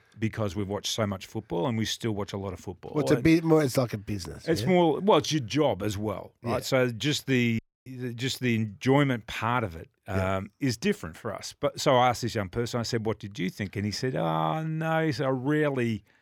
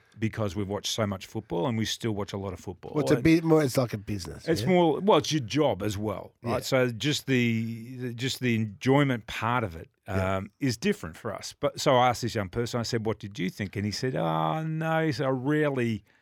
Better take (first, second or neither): second